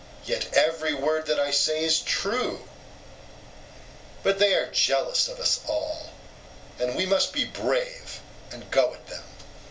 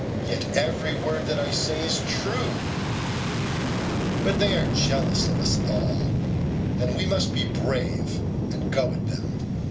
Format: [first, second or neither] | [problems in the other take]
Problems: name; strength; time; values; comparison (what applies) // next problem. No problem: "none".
first | background sound (Fixed-wing aircraft, airplane); 5 dB above the speech